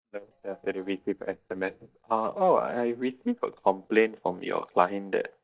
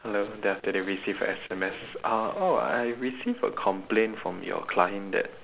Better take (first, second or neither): second